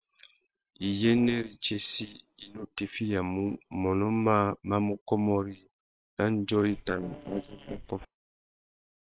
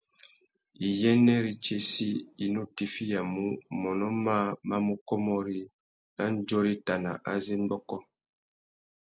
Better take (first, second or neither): second